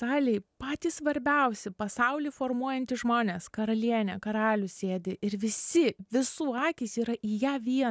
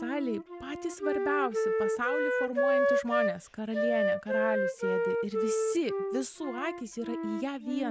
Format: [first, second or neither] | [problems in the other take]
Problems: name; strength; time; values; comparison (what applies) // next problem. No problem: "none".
first | background sound (Wind instrument, woodwind instrument); 4 dB above the speech